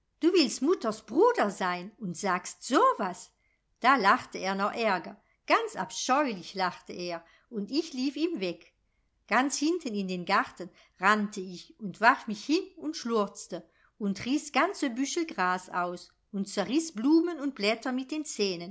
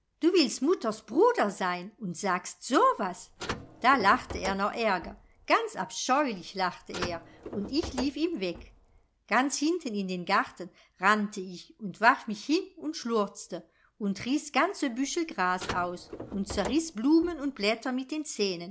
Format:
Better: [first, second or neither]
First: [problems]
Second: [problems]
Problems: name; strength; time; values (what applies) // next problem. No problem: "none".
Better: first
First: none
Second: background sound (Car); 13 dB below the speech